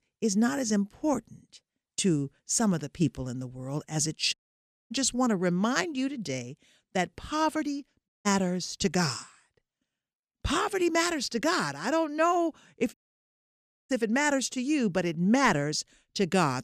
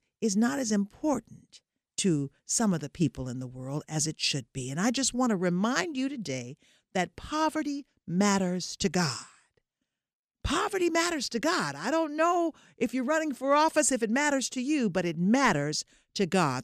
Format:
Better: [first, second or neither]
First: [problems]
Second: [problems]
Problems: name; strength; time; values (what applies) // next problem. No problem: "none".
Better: second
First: audio cutting out; at 4.5 s for 0.5 s, at 8 s and at 13 s for 1 s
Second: none